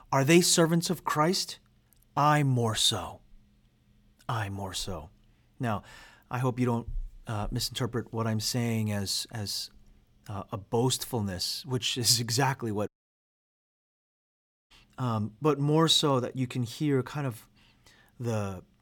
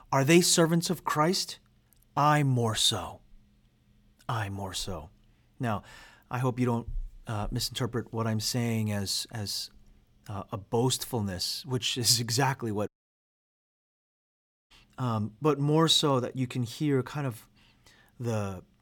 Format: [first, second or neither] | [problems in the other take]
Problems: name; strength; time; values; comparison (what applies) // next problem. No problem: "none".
neither | audio cutting out; at 13 s for 2 s; the same in both